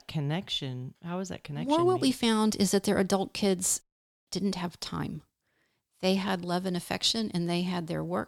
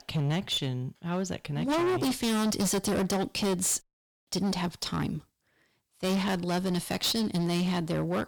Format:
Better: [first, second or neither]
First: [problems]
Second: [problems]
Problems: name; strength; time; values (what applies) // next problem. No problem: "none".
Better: first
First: none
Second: distortion; heavy; 19% of the sound clipped